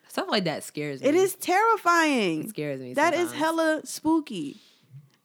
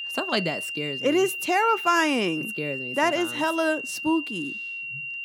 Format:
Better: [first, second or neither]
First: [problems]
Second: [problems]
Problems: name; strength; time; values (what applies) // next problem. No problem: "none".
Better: first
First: none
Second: high-pitched whine; loud; throughout; 3 kHz, 6 dB below the speech